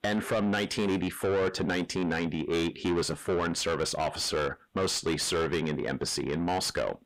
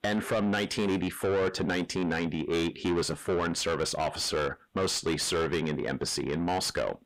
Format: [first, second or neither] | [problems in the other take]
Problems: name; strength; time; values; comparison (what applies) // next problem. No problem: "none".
neither | distortion; heavy; 6 dB below the speech; the same in both